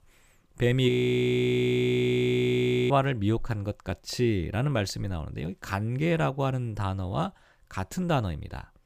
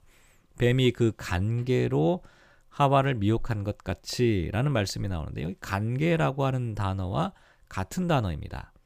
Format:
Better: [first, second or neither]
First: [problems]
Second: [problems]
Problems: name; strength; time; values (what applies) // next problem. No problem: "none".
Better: second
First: audio freezing; at 1 s for 2 s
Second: none